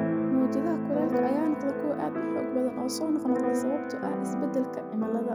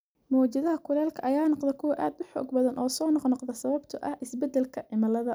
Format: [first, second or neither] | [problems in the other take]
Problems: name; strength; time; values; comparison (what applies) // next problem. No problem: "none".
second | background sound (Keyboard (musical)); as loud as the speech